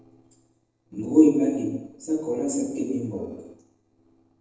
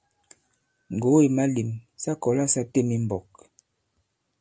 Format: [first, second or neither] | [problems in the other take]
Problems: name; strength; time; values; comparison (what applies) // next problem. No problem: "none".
second | noise reduction (neural separator model SepFormer DNS4)